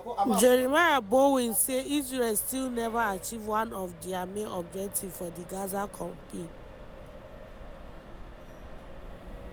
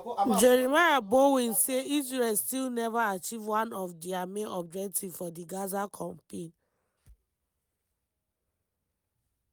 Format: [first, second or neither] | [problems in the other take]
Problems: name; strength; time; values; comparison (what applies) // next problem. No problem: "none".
second | background sound (Accelerating, revving, vroom); 16 dB below the speech